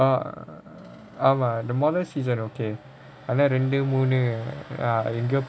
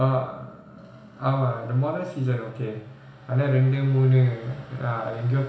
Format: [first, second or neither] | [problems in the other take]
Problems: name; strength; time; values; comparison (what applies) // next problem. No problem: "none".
first | room echo; dies away in 0.7 s